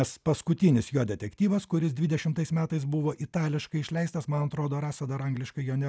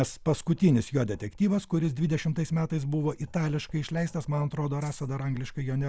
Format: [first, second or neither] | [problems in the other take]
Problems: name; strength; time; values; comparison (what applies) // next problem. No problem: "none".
first | background sound (Writing + Rattle (instrument)); 19 dB below the speech